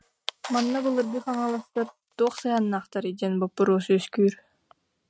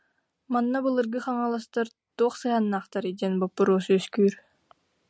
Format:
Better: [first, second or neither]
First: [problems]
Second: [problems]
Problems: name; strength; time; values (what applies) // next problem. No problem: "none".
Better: second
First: noise reduction (neural mask model RNNoise)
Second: none